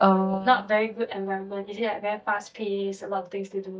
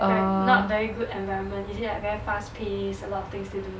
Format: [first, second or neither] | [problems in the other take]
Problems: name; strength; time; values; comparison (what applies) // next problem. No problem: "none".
second | noise reduction (neural mask model DeepFilterNet 3)